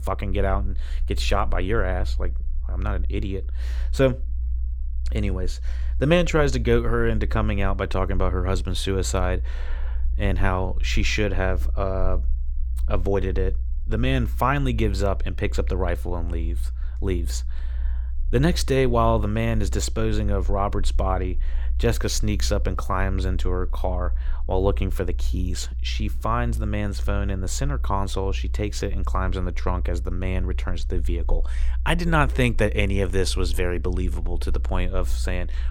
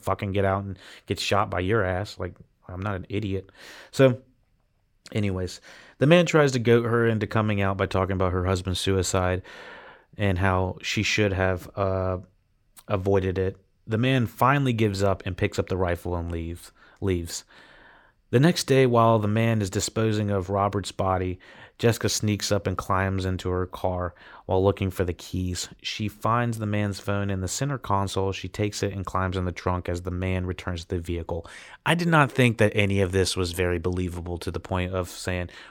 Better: second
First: low rumble; faint; throughout; 25 dB below the speech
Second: none

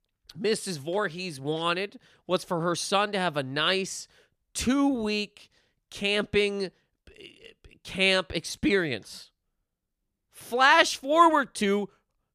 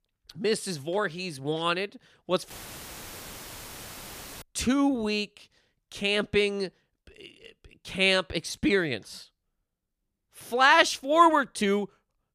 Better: first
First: none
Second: audio cutting out; filled with static; at 2.5 s for 2 s

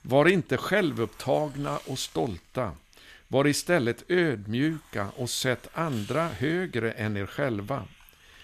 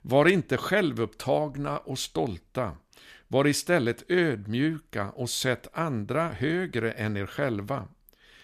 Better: second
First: hiss; faint; throughout; 25 dB below the speech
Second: none

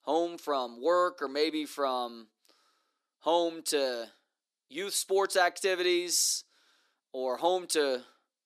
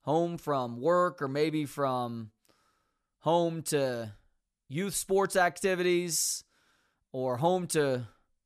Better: second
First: thin; somewhat; fading below 300 Hz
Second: none

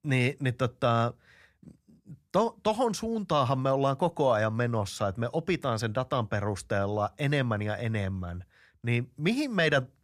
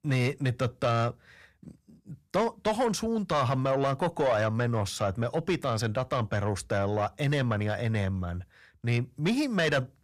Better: first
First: none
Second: distortion; slight; 10 dB below the speech

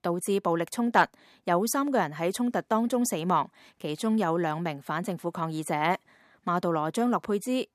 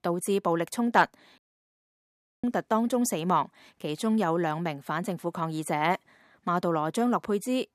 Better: first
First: none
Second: audio cutting out; at 1.5 s for 1 s

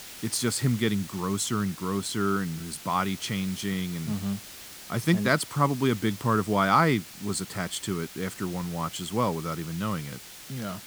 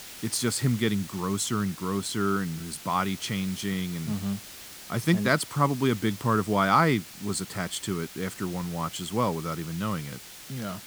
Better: neither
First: hiss; noticeable; throughout; 15 dB below the speech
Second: hiss; noticeable; throughout; 15 dB below the speech

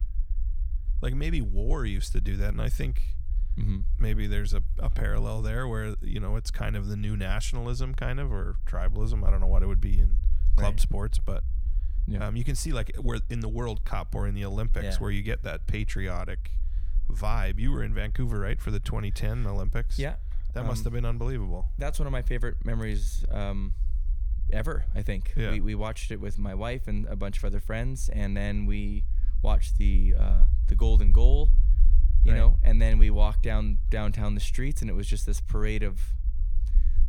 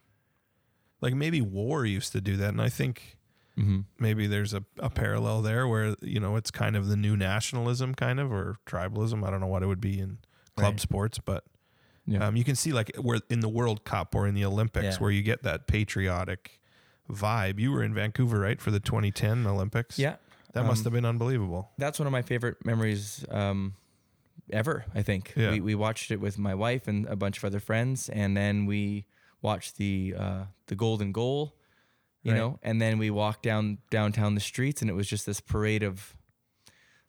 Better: second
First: low rumble; noticeable; throughout; 15 dB below the speech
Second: none

